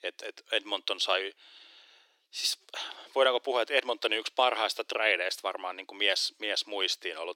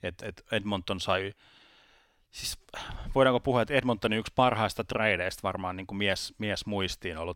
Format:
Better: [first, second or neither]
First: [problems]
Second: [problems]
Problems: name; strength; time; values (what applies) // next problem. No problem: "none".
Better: second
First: thin; very; fading below 300 Hz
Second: none